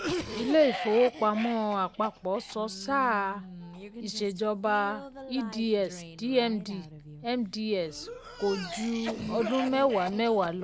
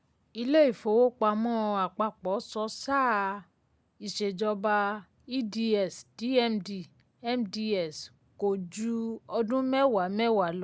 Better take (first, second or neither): second